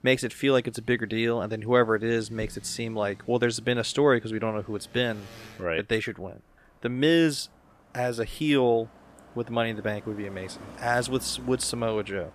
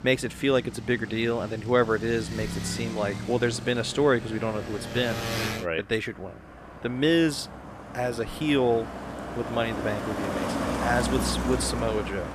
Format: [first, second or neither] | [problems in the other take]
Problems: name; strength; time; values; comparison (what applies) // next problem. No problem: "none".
first | traffic noise; loud; throughout; 6 dB below the speech; faint in the first